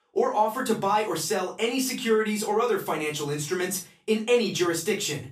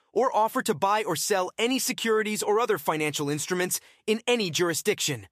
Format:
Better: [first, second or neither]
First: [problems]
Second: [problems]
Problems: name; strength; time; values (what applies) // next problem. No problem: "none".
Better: second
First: off-mic speech; far // room echo; very slight; dies away in 0.3 s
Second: none